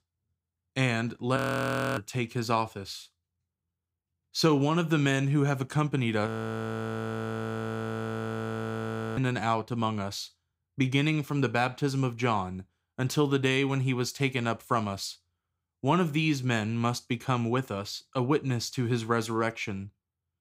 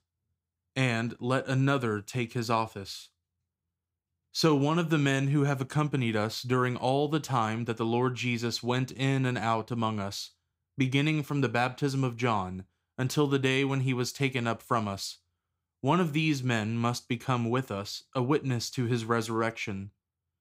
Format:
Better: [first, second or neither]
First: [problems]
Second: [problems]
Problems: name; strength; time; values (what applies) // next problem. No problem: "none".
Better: second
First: audio freezing; at 1.5 s for 0.5 s and at 6.5 s for 3 s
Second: none